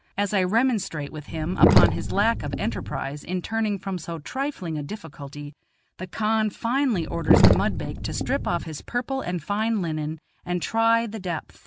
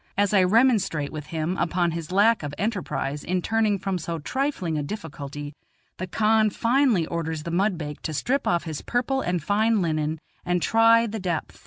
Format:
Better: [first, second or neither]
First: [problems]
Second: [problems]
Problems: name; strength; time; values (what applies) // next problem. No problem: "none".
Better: second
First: background sound (Sink (filling or washing)); 5 dB above the speech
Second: none